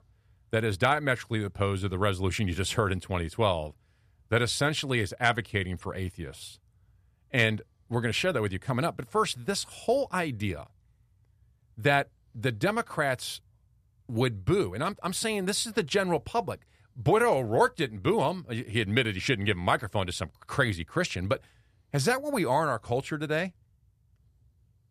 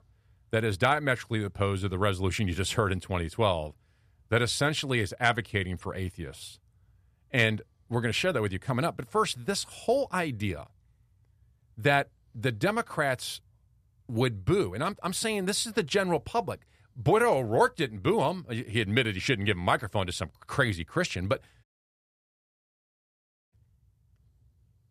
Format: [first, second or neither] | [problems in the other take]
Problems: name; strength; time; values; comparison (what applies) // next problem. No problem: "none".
first | audio cutting out; at 22 s for 2 s